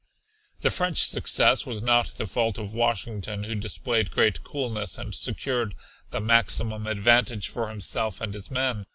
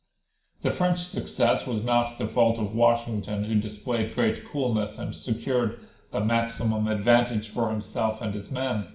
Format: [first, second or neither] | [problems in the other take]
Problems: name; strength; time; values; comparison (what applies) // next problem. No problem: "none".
first | room echo; dies away in 0.5 s